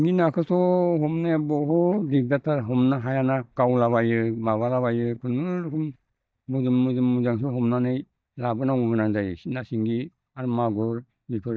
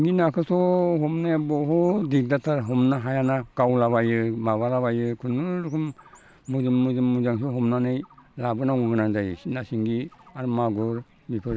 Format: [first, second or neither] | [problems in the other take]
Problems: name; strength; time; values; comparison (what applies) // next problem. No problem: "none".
second | noise reduction (neural mask model DeepFilterNet 3)